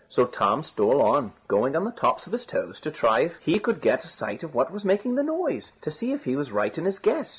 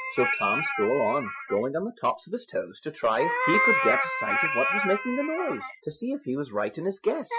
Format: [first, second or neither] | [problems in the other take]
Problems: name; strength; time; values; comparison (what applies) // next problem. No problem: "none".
first | noise reduction (classical method Wiener filter)